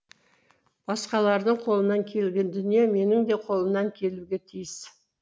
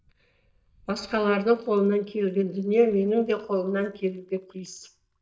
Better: first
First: none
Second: noise reduction (neural mask model DeepFilterNet 3)

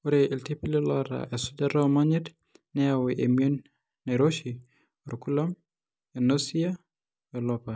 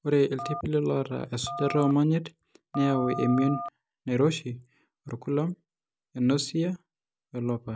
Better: first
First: none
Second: background sound (Telephone); 10 dB below the speech

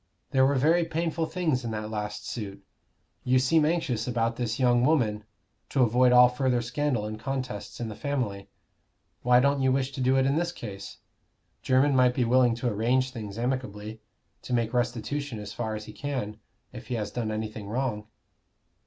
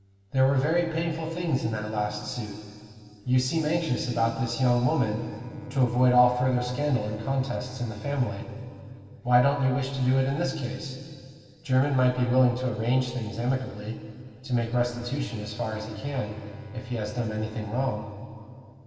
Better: first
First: none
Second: background sound (Bowed string instrument); 20 dB below the speech // room echo; dies away in 2.6 s

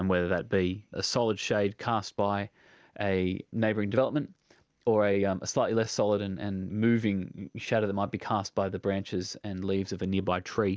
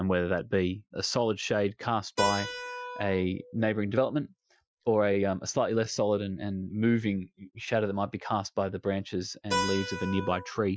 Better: first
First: none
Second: noise reduction (classical method Wiener filter)

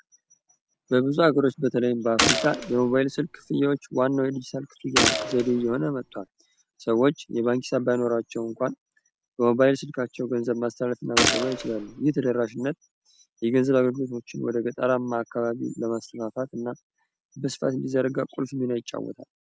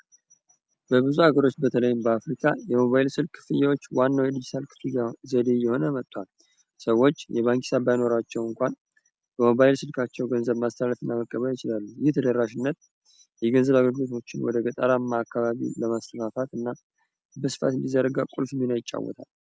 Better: second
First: background sound (Gunshot, gunfire); 1 dB below the speech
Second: none

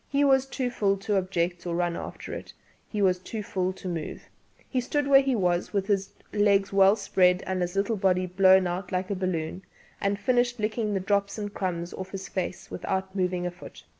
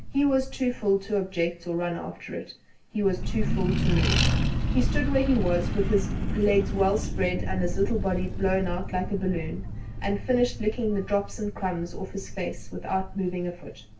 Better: first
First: none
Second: background sound (Accelerating, revving, vroom); 1 dB below the speech // room echo; dies away in 0.3 s

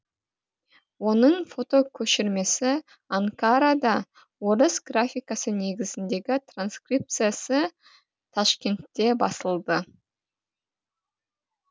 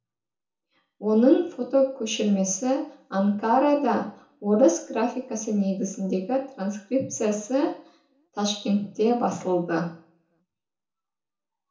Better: first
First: none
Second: room echo; dies away in 0.7 s

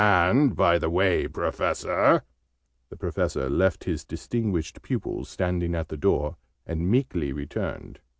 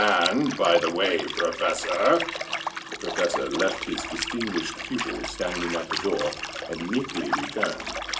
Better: first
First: none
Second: background sound (Liquid); 5 dB below the speech // room echo; dies away in 0.2 s

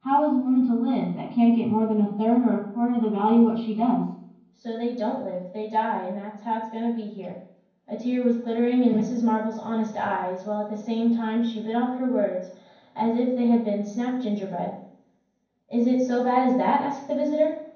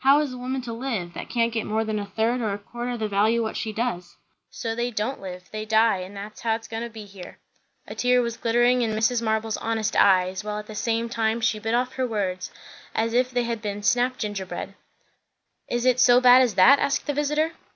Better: second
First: room echo; dies away in 0.9 s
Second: none

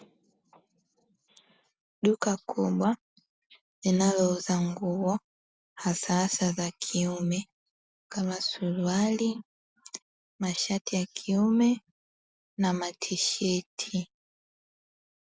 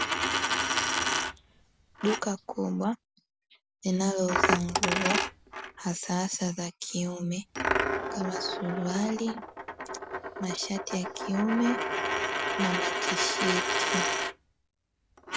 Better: first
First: none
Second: background sound (Coin (dropping)); 1 dB above the speech

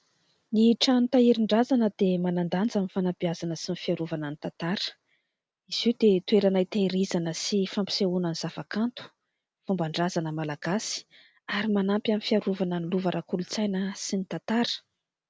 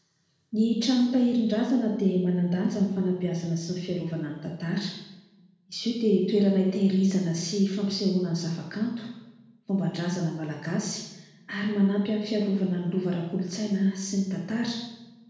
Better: first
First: none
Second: room echo; dies away in 1 s

